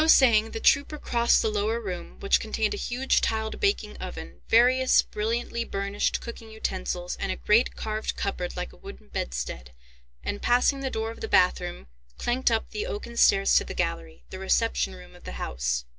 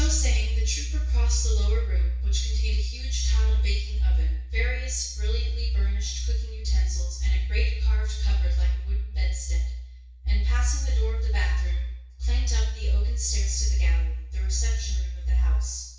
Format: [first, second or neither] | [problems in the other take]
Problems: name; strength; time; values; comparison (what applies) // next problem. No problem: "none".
first | room echo; dies away in 0.6 s